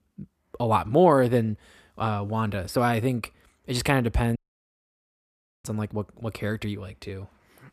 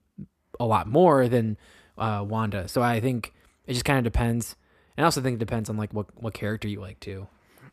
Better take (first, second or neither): second